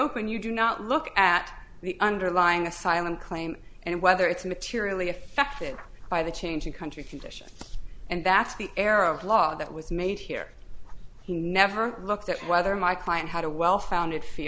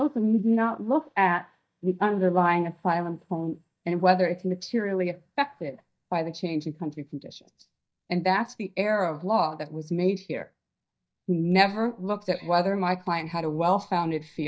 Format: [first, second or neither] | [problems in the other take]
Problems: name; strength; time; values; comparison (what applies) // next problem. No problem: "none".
first | noise reduction (neural mask model DeepFilterNet 3)